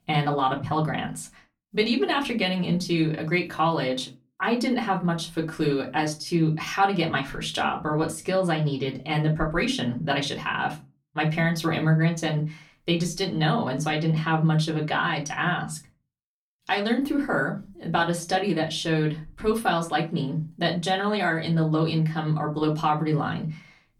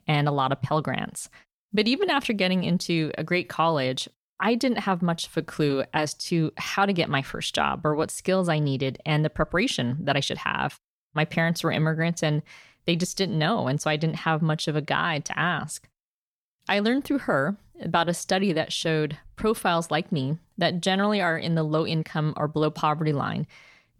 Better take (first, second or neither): second